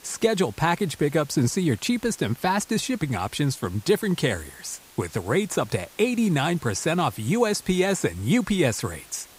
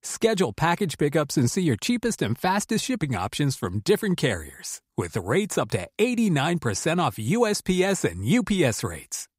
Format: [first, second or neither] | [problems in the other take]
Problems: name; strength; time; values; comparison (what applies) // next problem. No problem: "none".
second | hiss; faint; throughout; 25 dB below the speech